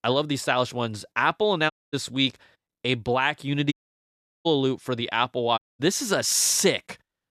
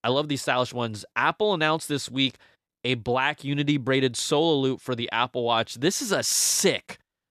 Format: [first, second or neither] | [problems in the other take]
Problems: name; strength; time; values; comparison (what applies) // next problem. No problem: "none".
second | audio cutting out; at 1.5 s, at 3.5 s for 0.5 s and at 5.5 s